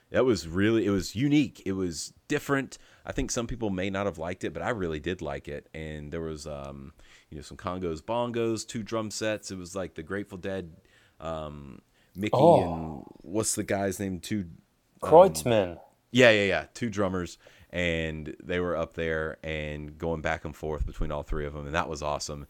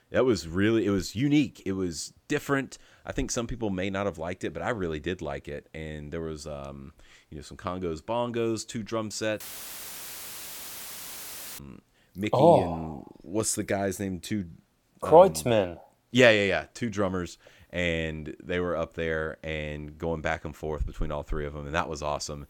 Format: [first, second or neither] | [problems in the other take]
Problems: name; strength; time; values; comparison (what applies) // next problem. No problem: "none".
first | audio cutting out; filled with static; at 9.5 s for 2 s